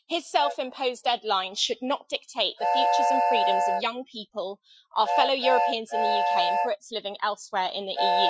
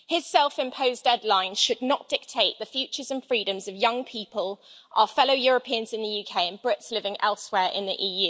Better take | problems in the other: second | noise reduction (classical method Wiener filter)

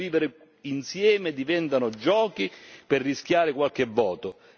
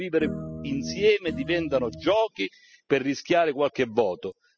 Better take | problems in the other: first | noise reduction (classical method spectral subtraction)

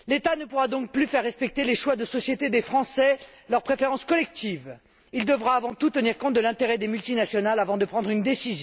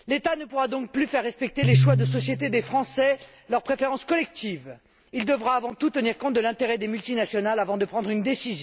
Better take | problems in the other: first | background sound (Piano); 2 dB above the speech

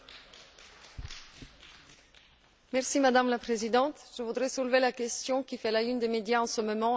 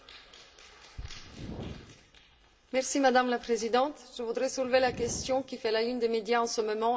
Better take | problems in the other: first | background sound (Fire); 16 dB below the speech // room echo; dies away in 0.3 s

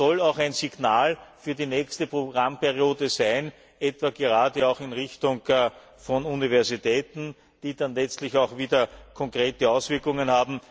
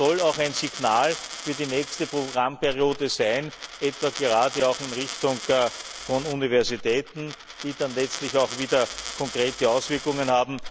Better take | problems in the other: first | background sound (Coin (dropping)); 12 dB below the speech

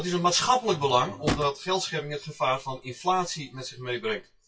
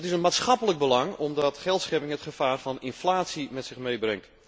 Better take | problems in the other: second | noise reduction (classical method WPE with log-MMSE)

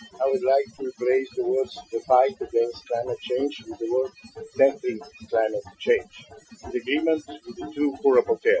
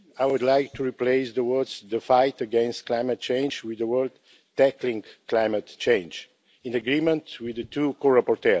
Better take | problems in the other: second | noise reduction (classical method Wiener filter)

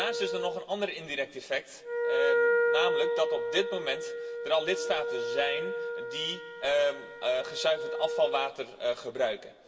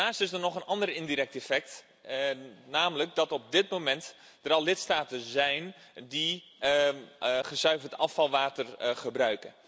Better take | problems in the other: second | background sound (Wind instrument, woodwind instrument); as loud as the speech // room echo; dies away in 1.6 s

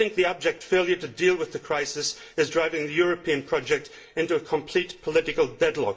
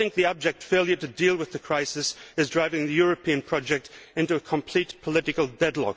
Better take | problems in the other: second | room echo; dies away in 0.3 s

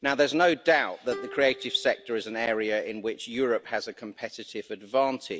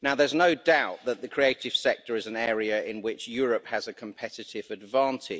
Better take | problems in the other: second | background sound (Plucked string instrument); 18 dB below the speech

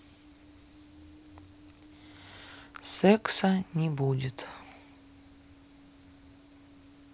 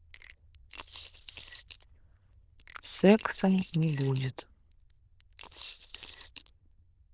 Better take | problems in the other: first | noise reduction (neural diffusion model UNIVERSE++)

